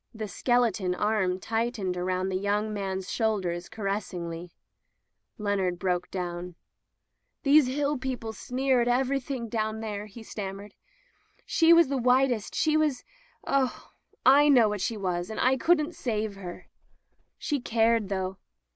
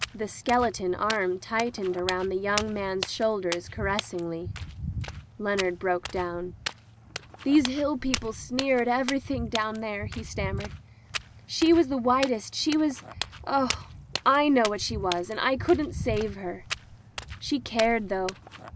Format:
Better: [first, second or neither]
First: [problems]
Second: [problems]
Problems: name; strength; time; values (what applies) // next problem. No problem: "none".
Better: first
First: none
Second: background sound (Walk, footsteps); 10 dB below the speech